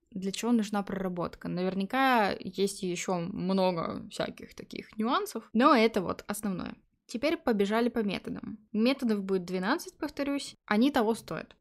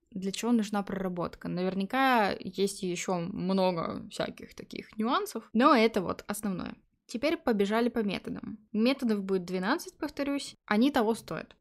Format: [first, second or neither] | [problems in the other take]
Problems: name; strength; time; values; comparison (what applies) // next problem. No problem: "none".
neither | none